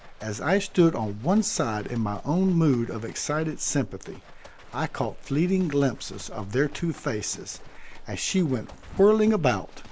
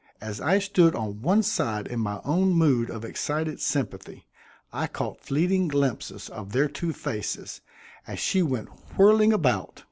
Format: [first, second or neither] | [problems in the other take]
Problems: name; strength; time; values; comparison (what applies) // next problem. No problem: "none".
second | background sound (Livestock, farm animals, working animals); 15 dB below the speech